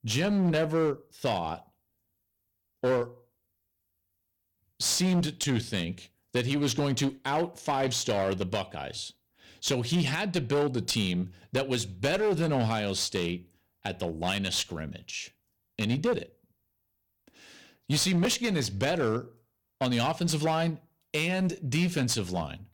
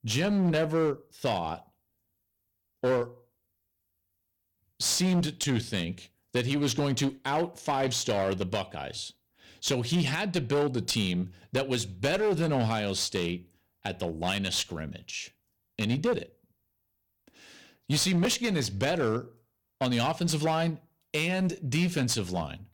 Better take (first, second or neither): neither